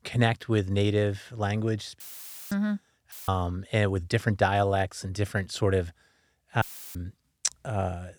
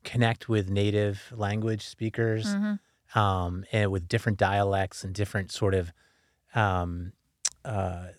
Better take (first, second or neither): second